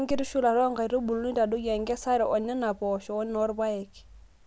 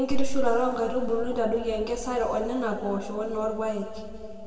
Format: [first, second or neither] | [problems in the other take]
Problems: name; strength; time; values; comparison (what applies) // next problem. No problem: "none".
first | room echo; dies away in 2.3 s